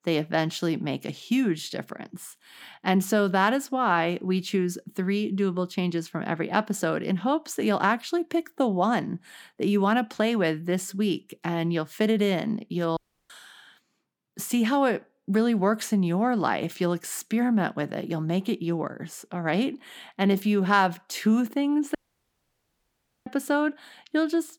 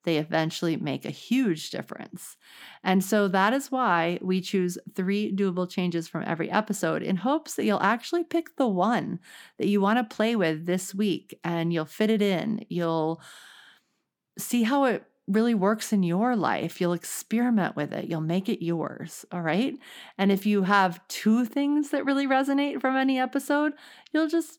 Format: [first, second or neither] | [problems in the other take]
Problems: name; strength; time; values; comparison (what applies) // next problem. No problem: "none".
second | audio cutting out; at 13 s and at 22 s for 1.5 s